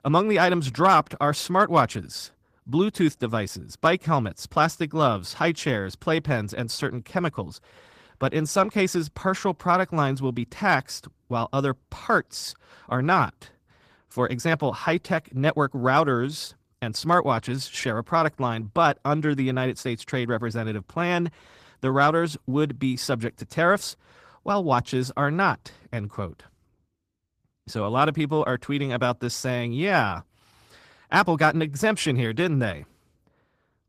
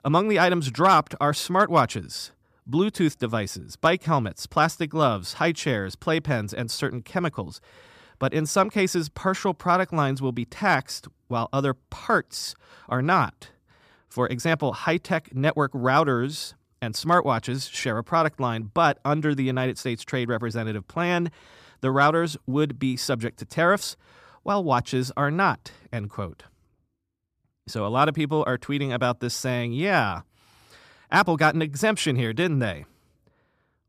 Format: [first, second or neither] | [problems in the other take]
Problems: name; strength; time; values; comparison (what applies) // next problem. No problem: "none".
second | garbled, watery; slightly; nothing above 14.5 kHz